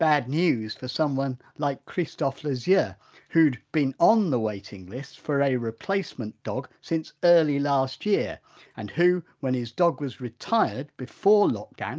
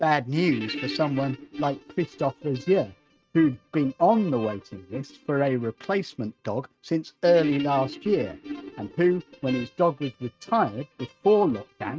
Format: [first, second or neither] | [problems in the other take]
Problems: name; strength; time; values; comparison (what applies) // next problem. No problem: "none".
first | noise reduction (neural mask model RNNoise)